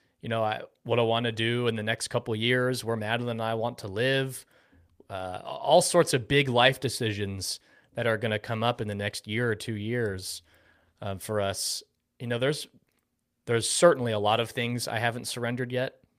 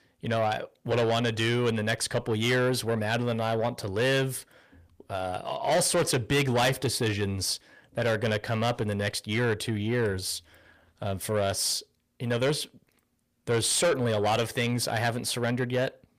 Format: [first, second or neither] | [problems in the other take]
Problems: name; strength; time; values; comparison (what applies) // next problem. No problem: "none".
first | distortion; heavy; 7 dB below the speech